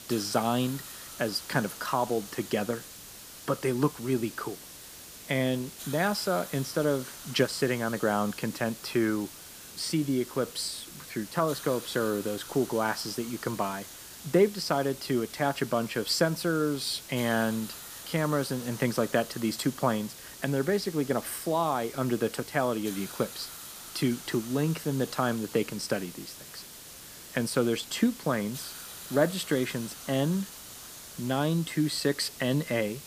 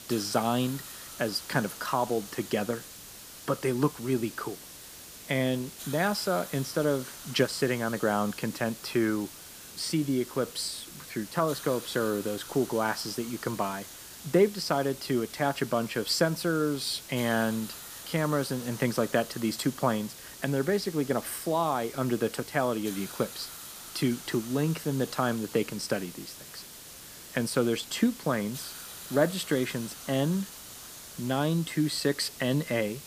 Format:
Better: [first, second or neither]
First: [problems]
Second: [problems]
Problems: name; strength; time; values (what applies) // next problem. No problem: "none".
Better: neither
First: hiss; noticeable; throughout; 15 dB below the speech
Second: hiss; noticeable; throughout; 15 dB below the speech